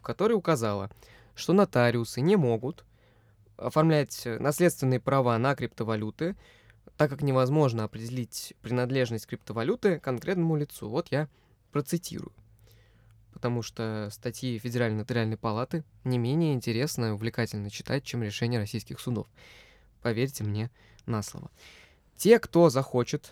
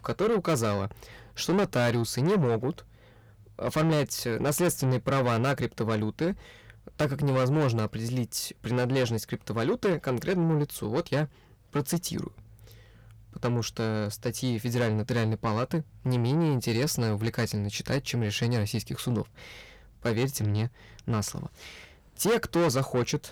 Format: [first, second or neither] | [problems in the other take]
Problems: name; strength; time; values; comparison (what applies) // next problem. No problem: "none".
first | distortion; heavy; 7 dB below the speech